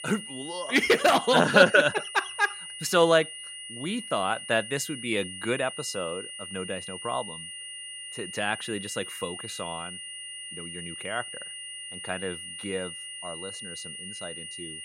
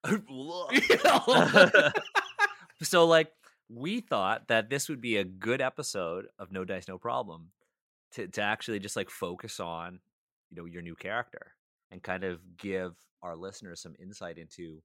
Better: second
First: high-pitched whine; noticeable; throughout; 3 kHz, 10 dB below the speech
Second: none

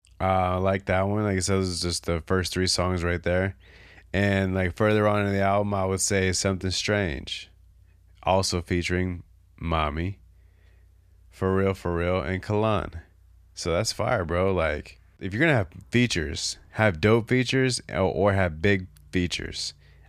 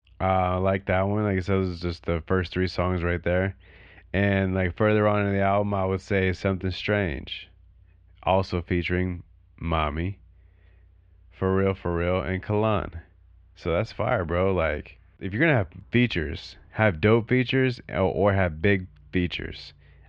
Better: first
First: none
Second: muffled; very; fading above 3 kHz

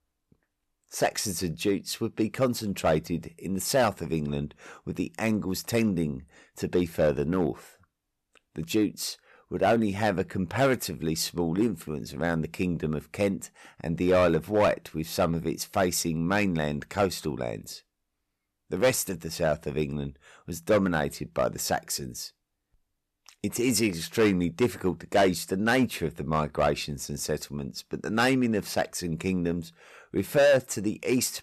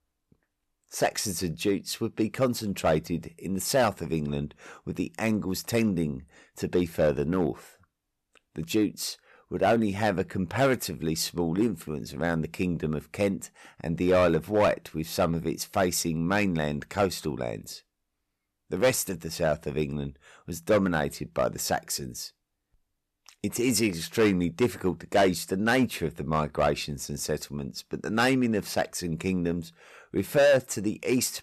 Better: neither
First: distortion; slight; 2% of the sound clipped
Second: distortion; slight; 2% of the sound clipped

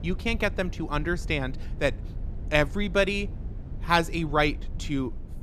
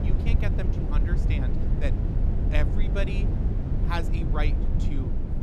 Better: first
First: low rumble; faint; throughout; 25 dB below the speech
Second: low rumble; loud; throughout; 3 dB below the speech

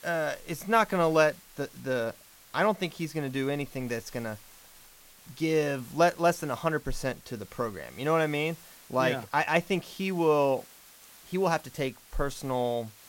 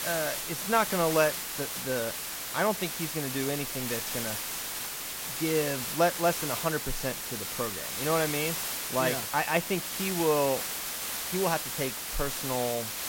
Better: first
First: hiss; faint; throughout; 20 dB below the speech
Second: hiss; loud; throughout; 2 dB below the speech

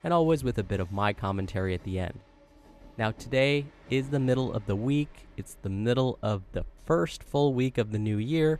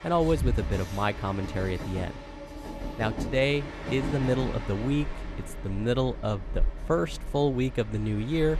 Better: first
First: train or aircraft noise; faint; throughout; 25 dB below the speech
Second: train or aircraft noise; loud; throughout; 8 dB below the speech

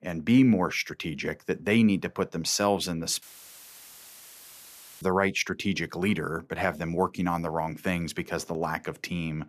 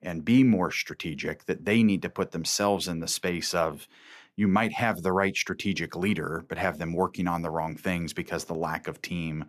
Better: second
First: audio cutting out; filled with static; at 3 s for 2 s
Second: none

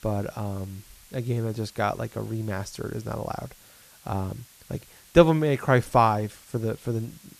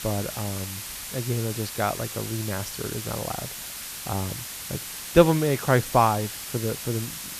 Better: first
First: hiss; faint; throughout; 25 dB below the speech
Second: hiss; loud; throughout; 7 dB below the speech

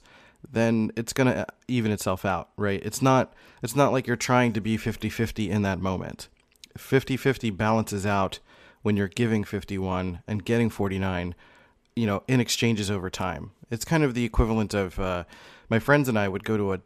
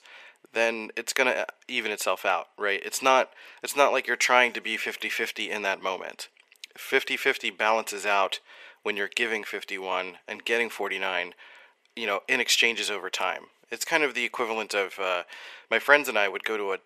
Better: first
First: none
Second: thin; very; fading below 450 Hz

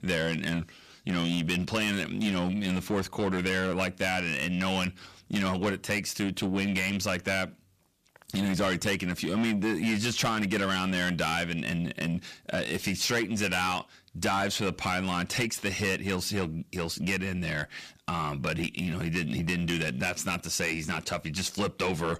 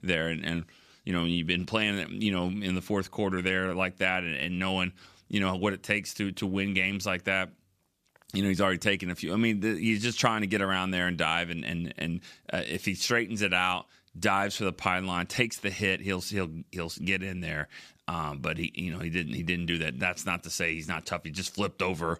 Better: second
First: distortion; heavy; 7 dB below the speech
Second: none

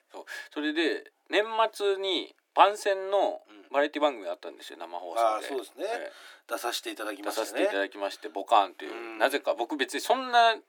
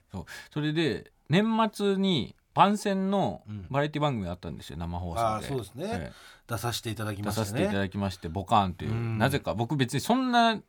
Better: second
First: thin; very; fading below 300 Hz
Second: none

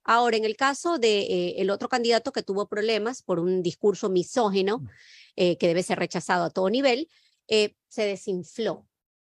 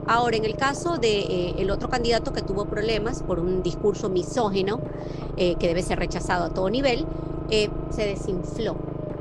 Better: first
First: none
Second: low rumble; loud; throughout; 10 dB below the speech

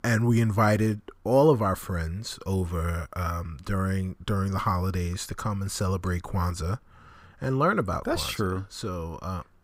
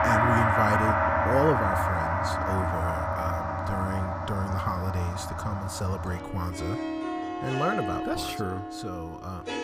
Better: first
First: none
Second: background music; very loud; throughout; 3 dB above the speech

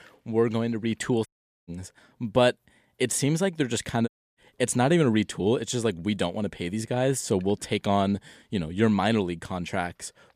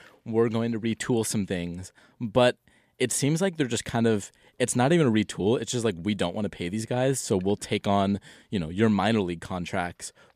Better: second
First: audio cutting out; at 1.5 s and at 4 s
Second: none

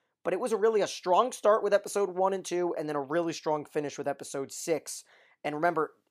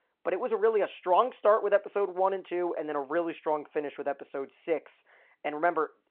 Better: first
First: none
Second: phone-call audio

